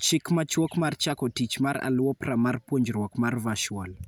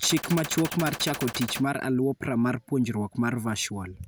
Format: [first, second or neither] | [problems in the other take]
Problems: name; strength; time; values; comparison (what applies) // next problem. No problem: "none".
first | background sound (Gunshot, gunfire); 9 dB below the speech